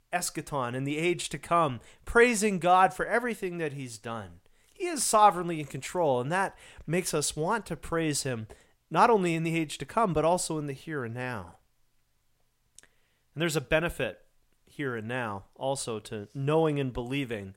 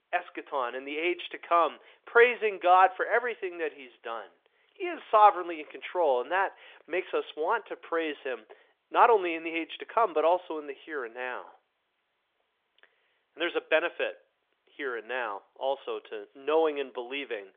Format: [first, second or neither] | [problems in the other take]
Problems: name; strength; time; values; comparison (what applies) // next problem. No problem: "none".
first | phone-call audio; nothing above 3.5 kHz